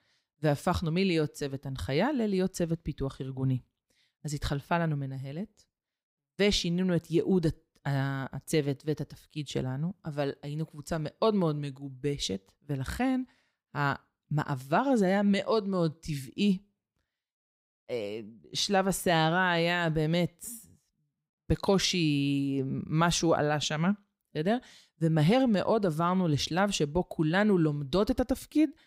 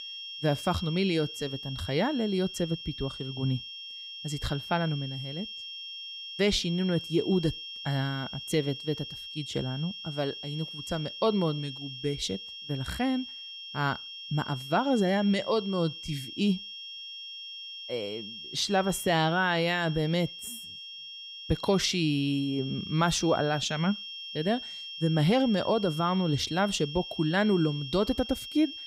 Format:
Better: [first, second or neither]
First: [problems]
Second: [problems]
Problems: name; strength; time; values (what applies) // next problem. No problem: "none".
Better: first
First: none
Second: high-pitched whine; loud; throughout; 3 kHz, 9 dB below the speech